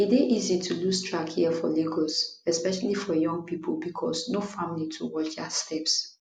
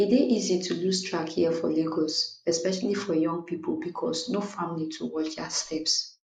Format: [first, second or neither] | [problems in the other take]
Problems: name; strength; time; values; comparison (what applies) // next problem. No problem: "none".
first | noise reduction (neural mask model Resemble Enhance denoiser)